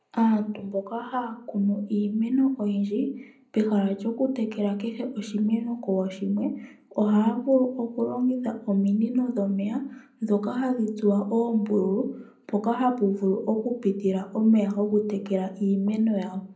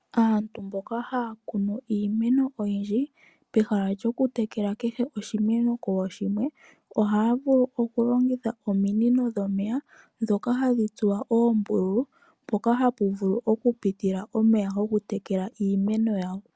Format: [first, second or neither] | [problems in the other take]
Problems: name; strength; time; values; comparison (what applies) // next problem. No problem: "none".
second | room echo; dies away in 0.4 s